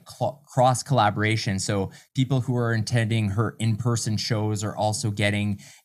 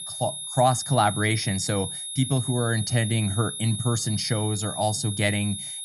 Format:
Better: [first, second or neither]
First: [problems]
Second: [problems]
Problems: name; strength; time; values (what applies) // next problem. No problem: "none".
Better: first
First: none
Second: high-pitched whine; loud; throughout; 10.5 kHz, 6 dB below the speech